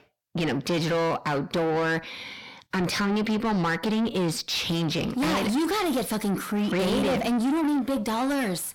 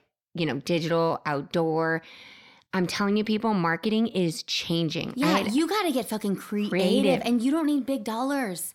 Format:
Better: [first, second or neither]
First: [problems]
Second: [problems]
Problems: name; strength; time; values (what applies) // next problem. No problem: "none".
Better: second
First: distortion; heavy; 7 dB below the speech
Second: none